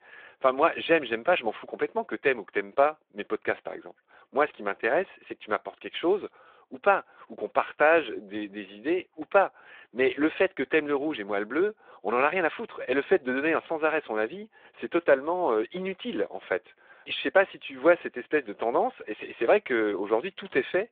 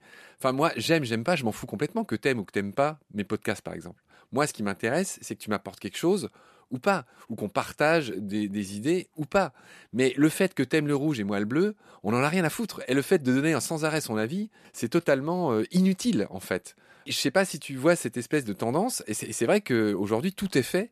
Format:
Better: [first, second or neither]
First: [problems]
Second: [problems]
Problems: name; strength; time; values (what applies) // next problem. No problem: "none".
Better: second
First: phone-call audio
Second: none